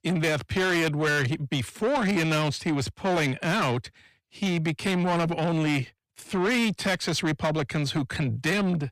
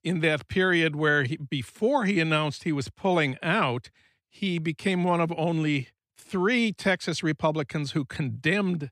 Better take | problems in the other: second | distortion; heavy; 8 dB below the speech

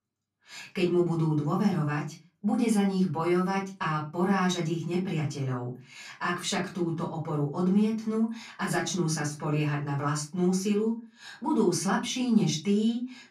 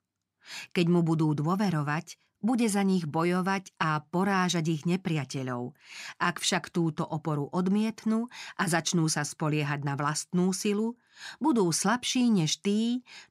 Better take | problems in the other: second | off-mic speech; far // room echo; very slight; dies away in 0.3 s

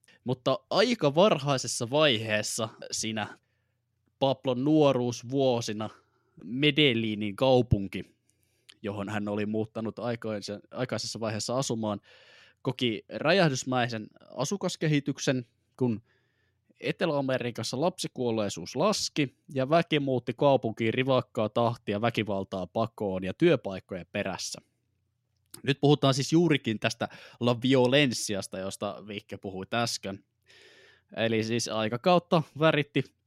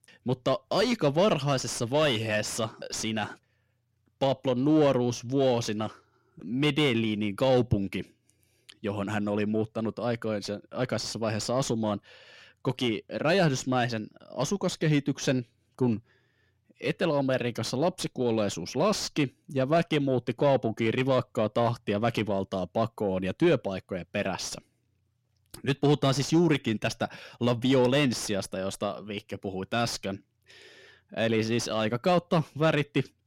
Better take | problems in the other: first | distortion; slight; 10 dB below the speech

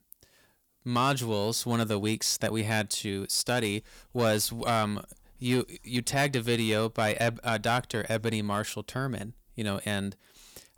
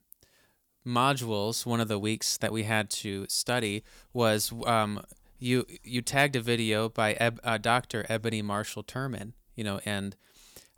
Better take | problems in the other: second | distortion; slight; 10 dB below the speech

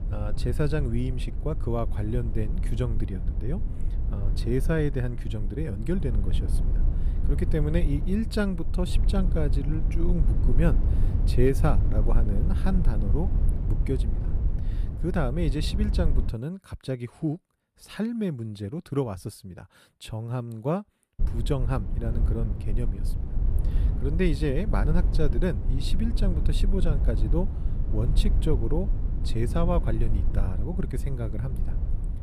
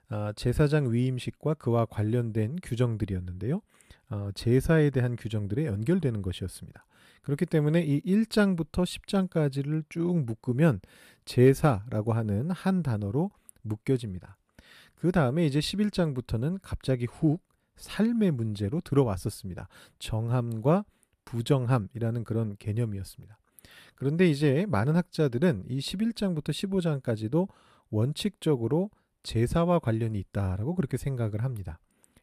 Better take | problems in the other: second | low rumble; loud; until 16 s and from 21 s on; 10 dB below the speech

